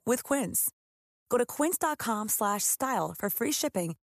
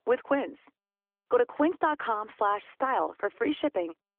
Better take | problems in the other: first | phone-call audio; nothing above 3.5 kHz

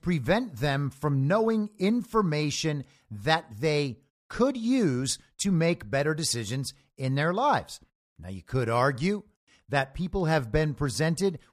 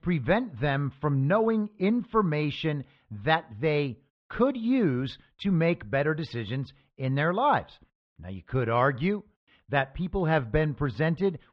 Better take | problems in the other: first | muffled; very; fading above 3.5 kHz

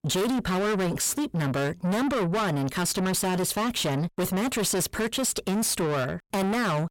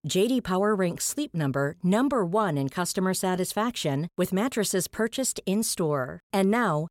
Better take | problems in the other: second | distortion; heavy; 6 dB below the speech

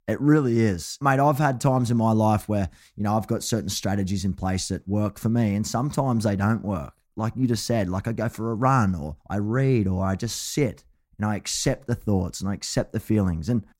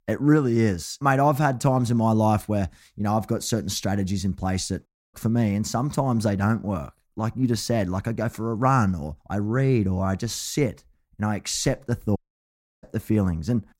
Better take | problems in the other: first | audio cutting out; at 5 s and at 12 s for 0.5 s

